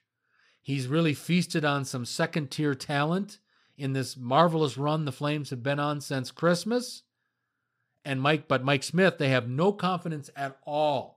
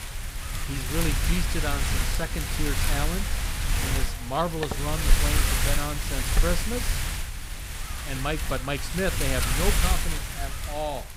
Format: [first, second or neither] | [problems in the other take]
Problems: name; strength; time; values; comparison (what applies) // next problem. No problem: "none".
first | wind noise on the microphone; heavy; 1 dB above the speech